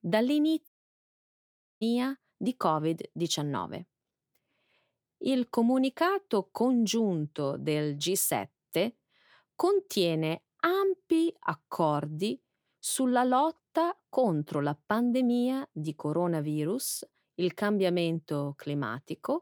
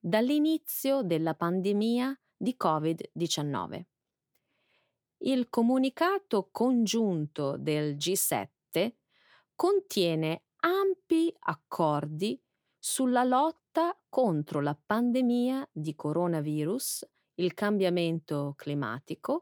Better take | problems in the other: second | audio cutting out; at 0.5 s for 1 s

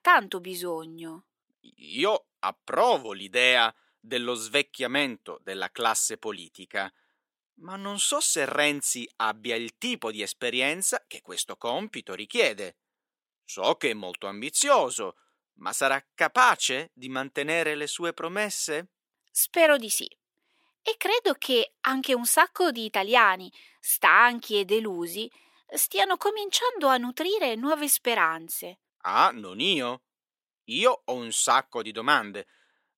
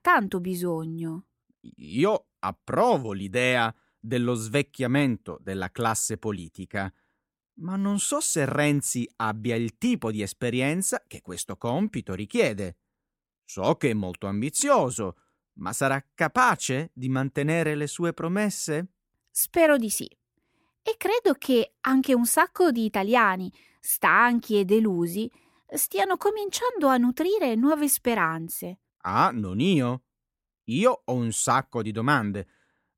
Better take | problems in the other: second | thin; somewhat; fading below 450 Hz

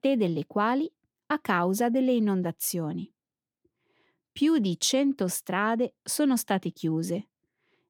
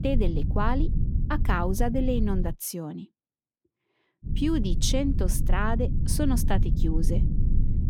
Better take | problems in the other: first | low rumble; noticeable; until 2.5 s and from 4.5 s on; 10 dB below the speech

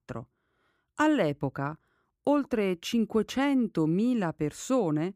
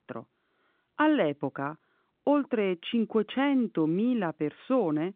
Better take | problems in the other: first | phone-call audio; nothing above 3.5 kHz

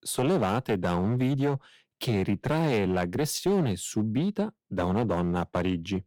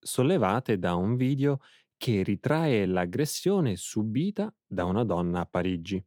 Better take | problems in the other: second | distortion; slight; 8% of the sound clipped

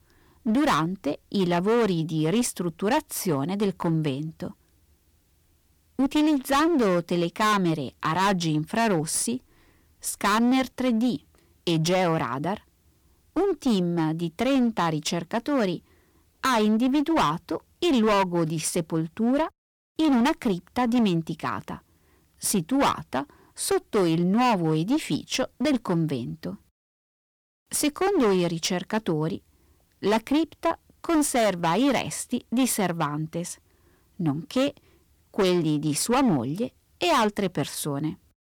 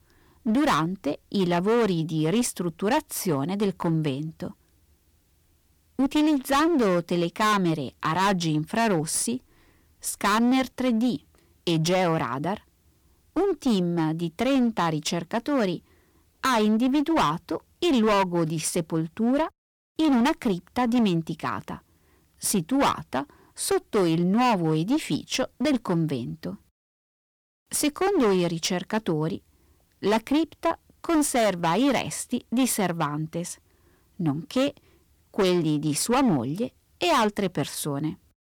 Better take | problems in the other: neither | distortion; heavy; 12% of the sound clipped; the same in both

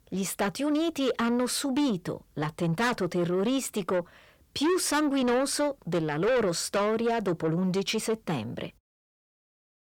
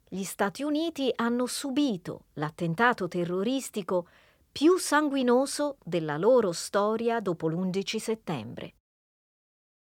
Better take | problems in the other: second | distortion; heavy; 7 dB below the speech

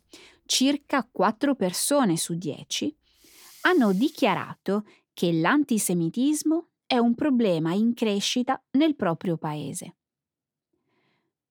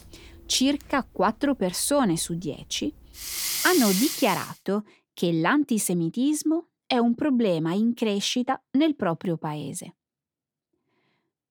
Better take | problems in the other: first | household noises; loud; until 4.5 s; 2 dB below the speech; faint in the first

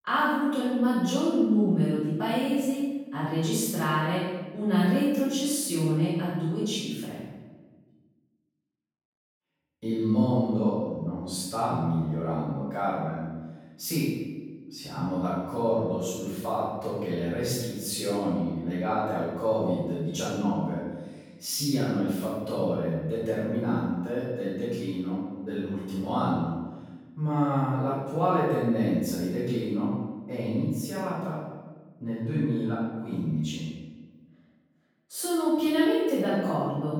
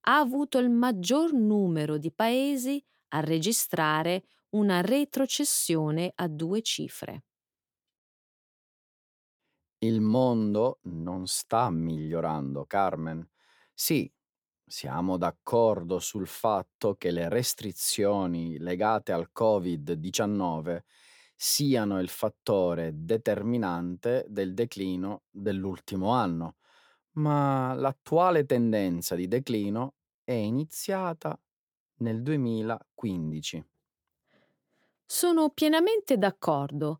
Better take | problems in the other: second | room echo; strong; dies away in 1.1 s // off-mic speech; far

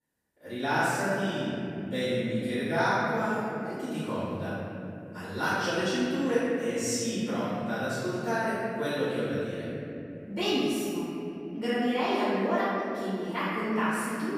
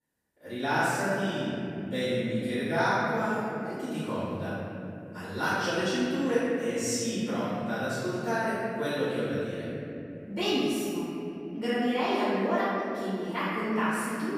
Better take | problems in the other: neither | off-mic speech; far; the same in both // room echo; strong; dies away in 3 s; the same in both

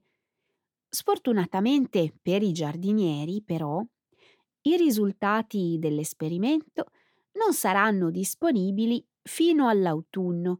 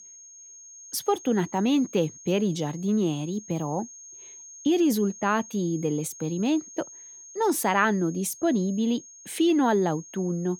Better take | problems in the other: first | high-pitched whine; noticeable; throughout; 6.5 kHz, 15 dB below the speech

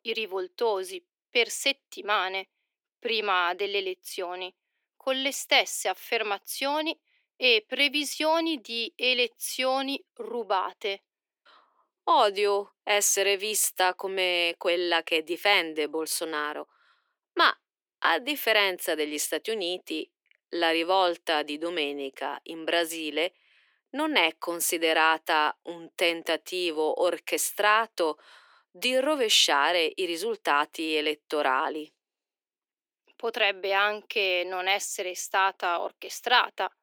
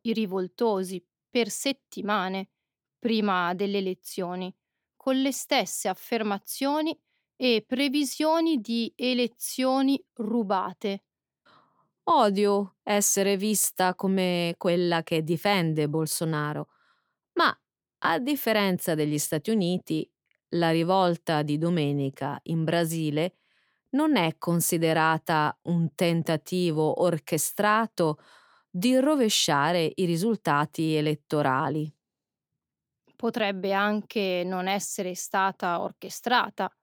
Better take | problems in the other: second | thin; very; fading below 350 Hz

